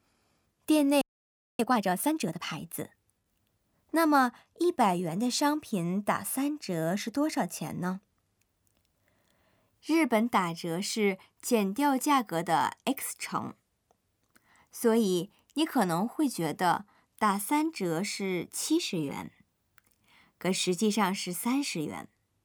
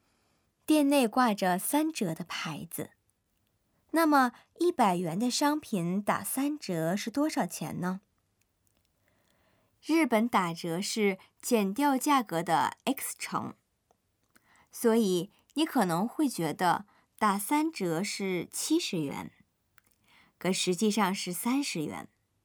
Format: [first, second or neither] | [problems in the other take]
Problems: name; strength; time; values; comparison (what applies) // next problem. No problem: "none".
second | audio freezing; at 1 s for 0.5 s